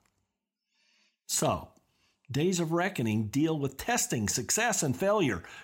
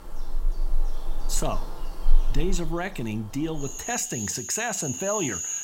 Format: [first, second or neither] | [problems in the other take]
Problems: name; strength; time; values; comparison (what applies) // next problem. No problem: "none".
first | animal sounds; loud; throughout; 2 dB below the speech